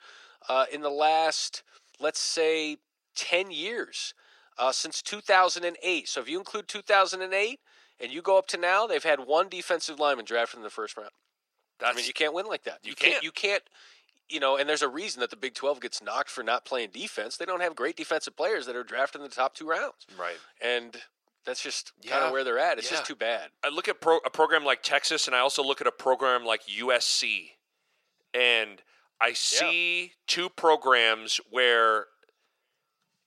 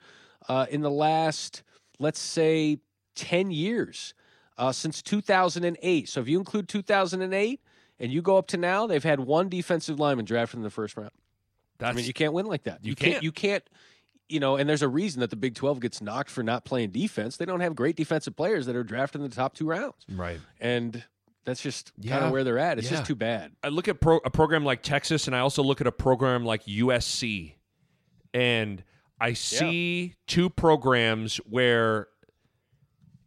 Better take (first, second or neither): second